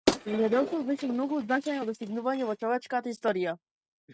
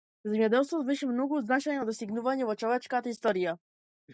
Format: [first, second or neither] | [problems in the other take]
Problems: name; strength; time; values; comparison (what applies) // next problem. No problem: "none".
second | noise reduction (neural mask model RNNoise)